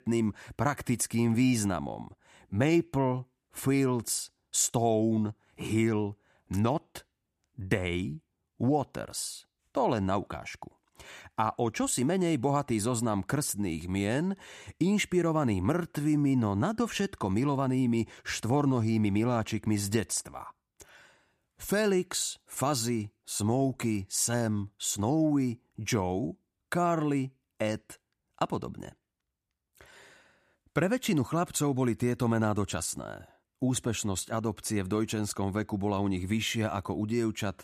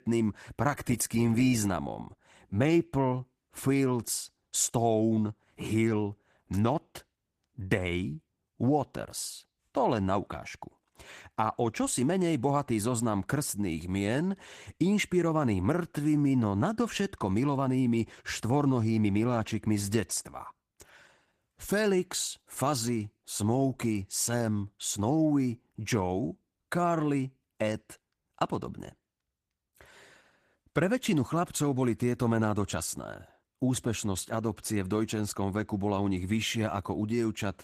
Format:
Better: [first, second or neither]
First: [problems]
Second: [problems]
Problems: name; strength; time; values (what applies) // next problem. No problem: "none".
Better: first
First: none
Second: garbled, watery; slightly; nothing above 14.5 kHz